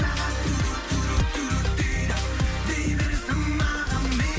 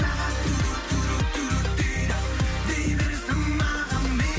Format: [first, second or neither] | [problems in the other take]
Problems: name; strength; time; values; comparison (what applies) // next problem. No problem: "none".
second | background sound (Drum kit); 11 dB below the speech